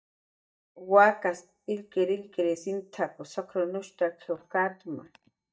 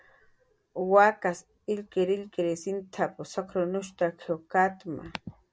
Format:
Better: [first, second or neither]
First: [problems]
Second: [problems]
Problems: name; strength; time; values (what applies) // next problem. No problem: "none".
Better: second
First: noise reduction (neural mask model DeepFilterNet 3)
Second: none